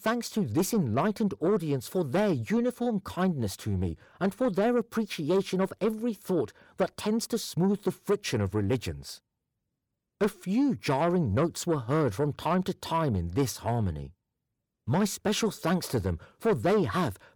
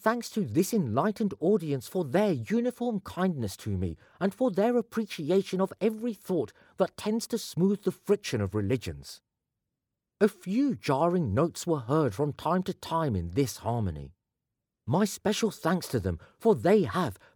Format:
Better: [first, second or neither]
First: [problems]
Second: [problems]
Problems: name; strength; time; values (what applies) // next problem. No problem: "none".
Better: second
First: distortion; slight; 10 dB below the speech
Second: none